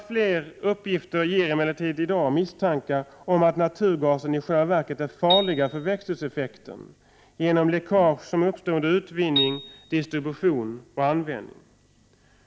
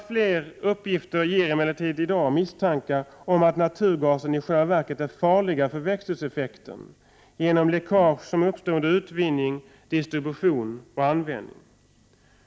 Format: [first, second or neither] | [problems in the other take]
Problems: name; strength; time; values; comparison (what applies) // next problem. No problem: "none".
second | background sound (Piano); 7 dB below the speech